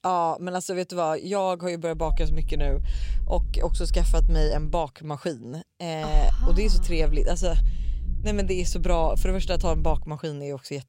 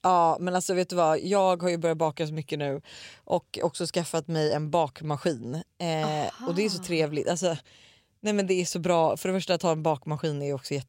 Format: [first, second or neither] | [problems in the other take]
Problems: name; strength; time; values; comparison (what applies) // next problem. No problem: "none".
second | low rumble; faint; from 2 to 5 s and from 6 to 10 s; 25 dB below the speech